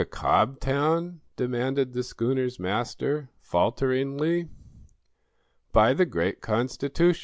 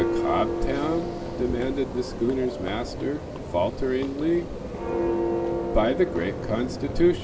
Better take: first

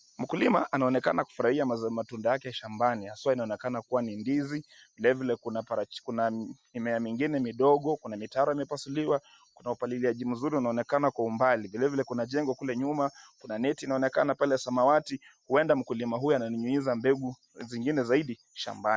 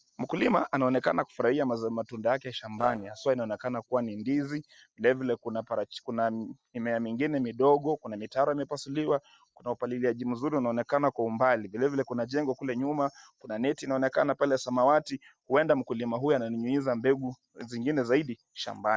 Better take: first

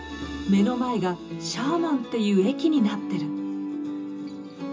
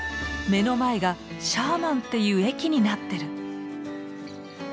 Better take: second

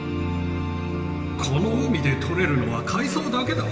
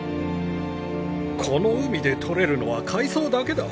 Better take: second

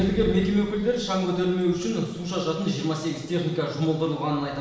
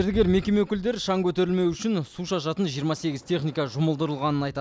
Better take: second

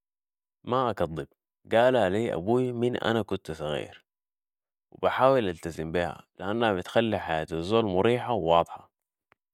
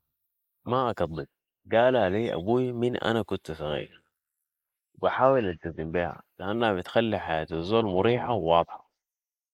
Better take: first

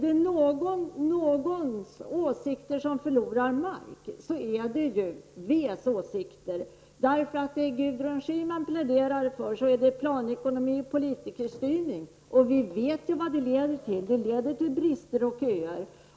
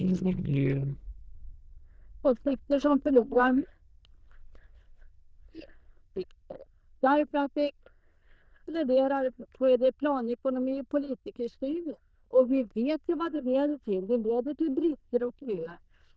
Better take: first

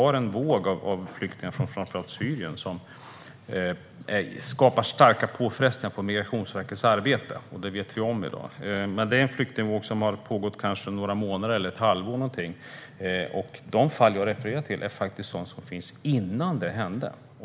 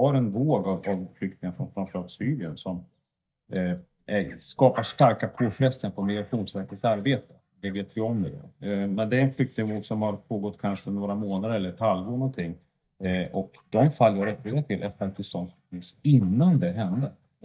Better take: first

